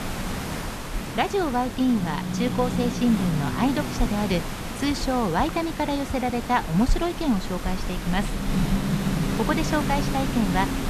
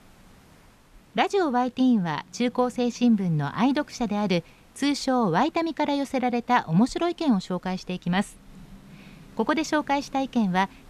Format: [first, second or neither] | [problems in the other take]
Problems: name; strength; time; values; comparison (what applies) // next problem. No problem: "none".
second | hiss; loud; throughout; 3 dB below the speech; faint in the second